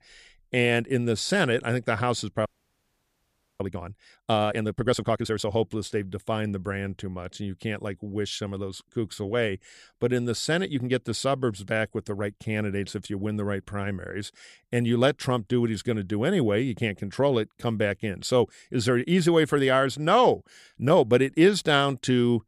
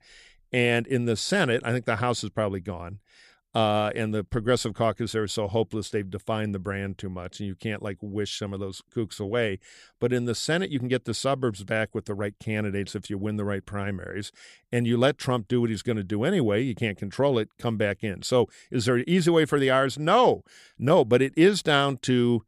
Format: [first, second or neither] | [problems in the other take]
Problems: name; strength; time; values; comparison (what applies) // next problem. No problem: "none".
second | audio freezing; at 2.5 s for 1 s